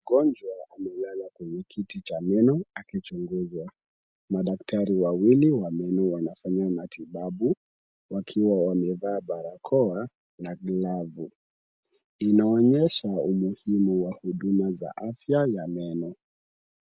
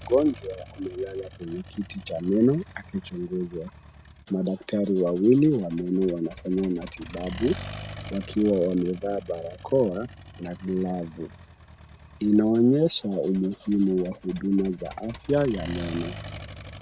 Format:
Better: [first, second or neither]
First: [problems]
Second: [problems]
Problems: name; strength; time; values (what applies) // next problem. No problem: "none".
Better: first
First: none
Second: background sound (Accelerating, revving, vroom); 17 dB below the speech